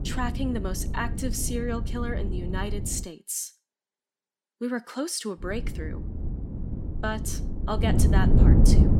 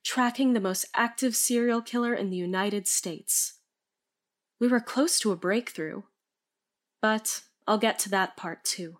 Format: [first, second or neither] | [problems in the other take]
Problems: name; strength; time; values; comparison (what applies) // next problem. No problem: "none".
second | wind noise on the microphone; heavy; until 3 s and from 5.5 s on; 4 dB below the speech